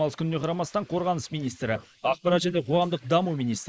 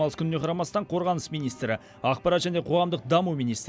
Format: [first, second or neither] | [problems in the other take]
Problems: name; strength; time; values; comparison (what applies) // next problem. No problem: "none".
second | noise reduction (neural mask model Resemble Enhance denoiser)